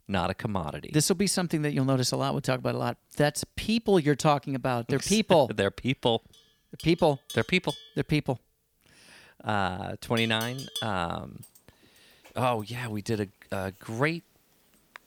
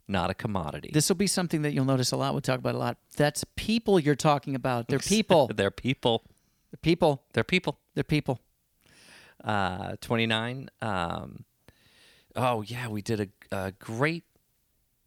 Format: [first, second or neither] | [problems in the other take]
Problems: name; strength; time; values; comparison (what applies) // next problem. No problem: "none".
second | animal sounds; noticeable; from 6 s on; 15 dB below the speech